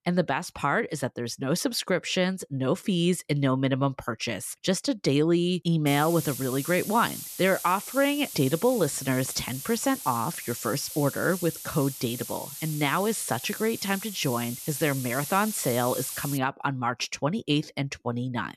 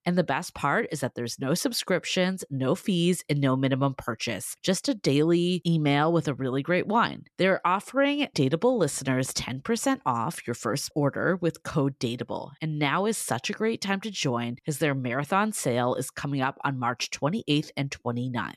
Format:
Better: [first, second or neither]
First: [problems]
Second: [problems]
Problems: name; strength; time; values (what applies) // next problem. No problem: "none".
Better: second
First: hiss; loud; from 6 to 16 s; 9 dB below the speech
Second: none